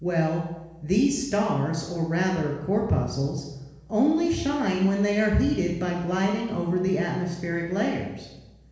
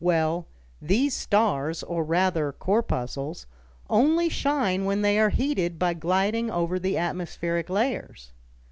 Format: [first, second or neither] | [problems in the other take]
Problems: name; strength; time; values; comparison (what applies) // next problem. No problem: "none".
second | room echo; dies away in 1.1 s